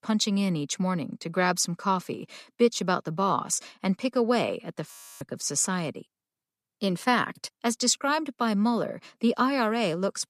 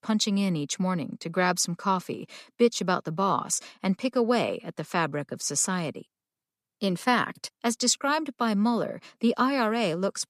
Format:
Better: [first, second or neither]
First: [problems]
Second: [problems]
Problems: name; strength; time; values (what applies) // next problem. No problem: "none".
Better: second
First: audio freezing; at 5 s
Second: none